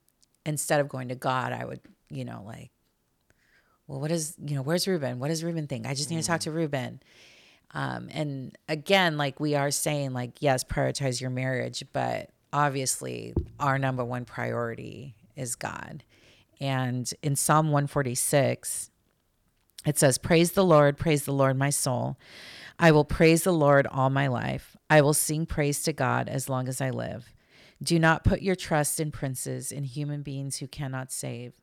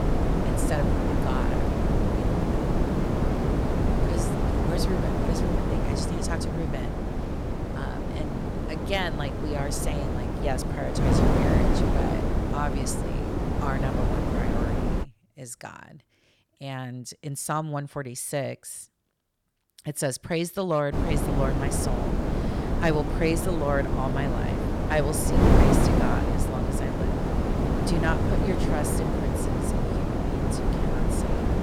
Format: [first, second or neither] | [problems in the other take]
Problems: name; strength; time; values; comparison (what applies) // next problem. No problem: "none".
first | wind noise on the microphone; heavy; until 15 s and from 21 s on; 2 dB above the speech